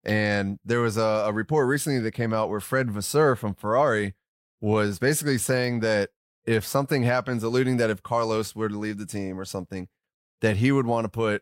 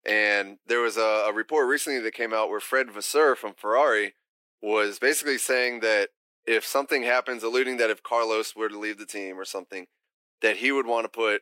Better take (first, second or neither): first